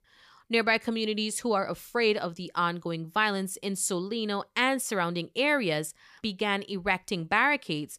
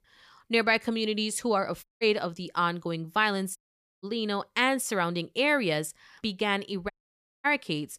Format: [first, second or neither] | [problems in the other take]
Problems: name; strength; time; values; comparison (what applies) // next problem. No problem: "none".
first | audio cutting out; at 2 s, at 3.5 s and at 7 s for 0.5 s